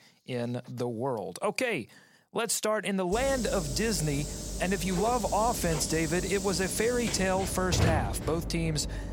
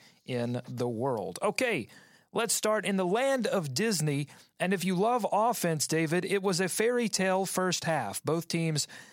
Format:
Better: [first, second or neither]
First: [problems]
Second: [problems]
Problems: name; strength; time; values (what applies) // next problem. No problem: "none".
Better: second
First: hiss; loud; from 3 s on; 5 dB below the speech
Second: none